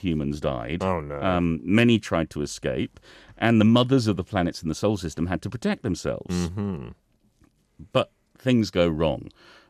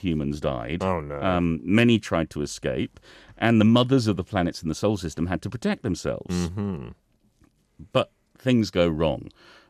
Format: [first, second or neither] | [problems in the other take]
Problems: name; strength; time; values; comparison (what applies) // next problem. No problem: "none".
neither | none